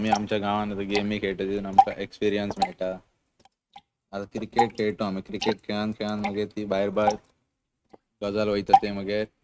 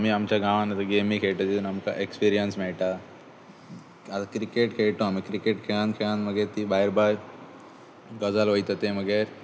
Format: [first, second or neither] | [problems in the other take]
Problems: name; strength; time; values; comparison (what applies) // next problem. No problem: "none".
second | noise reduction (neural mask model RNNoise)